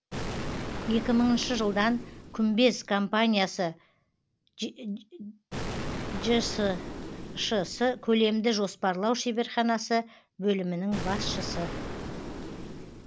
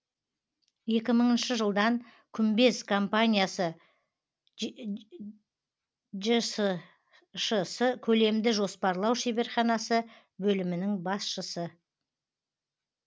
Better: second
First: background sound (Explosion); 9 dB below the speech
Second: none

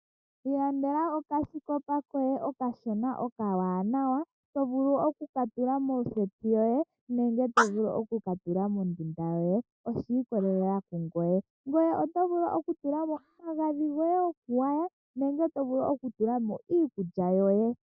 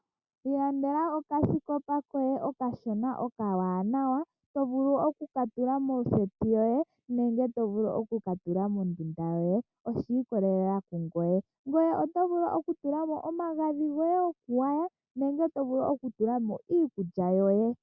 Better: second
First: noise reduction (neural mask model DeepFilterNet 3)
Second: none

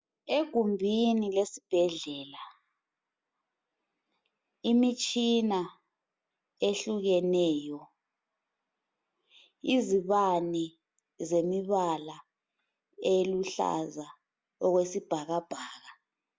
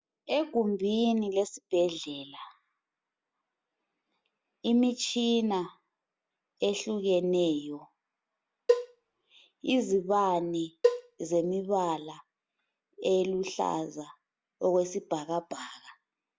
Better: first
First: none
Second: background sound (Cowbell); 1 dB below the speech

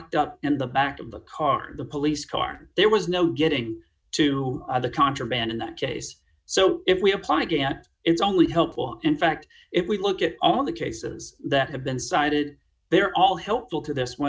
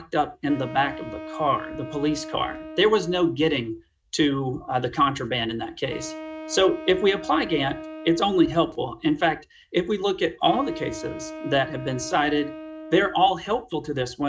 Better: first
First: none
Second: background sound (Wind instrument, woodwind instrument); 13 dB below the speech

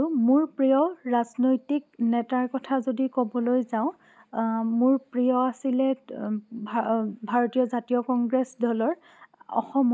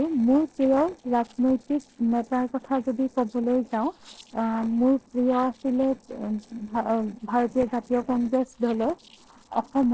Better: first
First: none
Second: noise reduction (neural separator model SepFormer DNS4)

